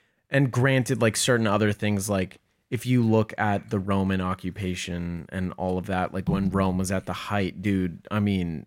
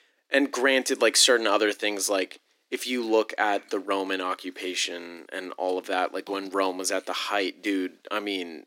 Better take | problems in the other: first | thin; somewhat; fading below 300 Hz

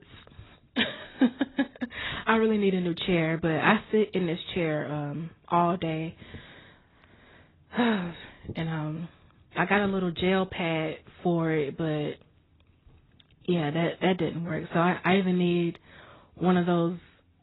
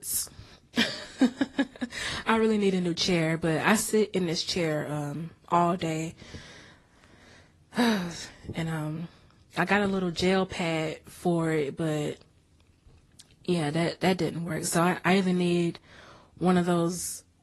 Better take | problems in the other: second | garbled, watery; badly; nothing above 4 kHz; slightly in the second

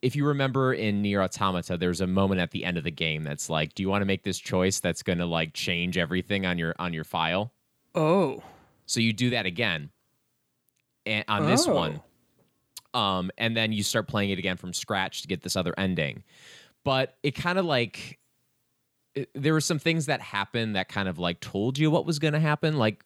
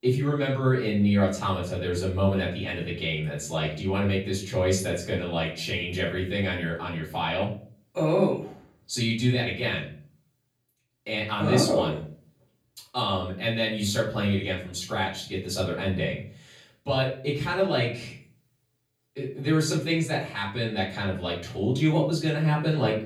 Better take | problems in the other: first | room echo; slight; dies away in 0.4 s // off-mic speech; far

